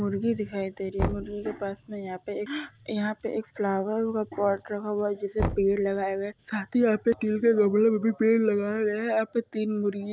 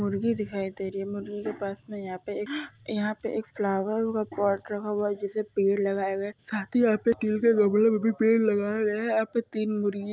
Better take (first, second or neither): second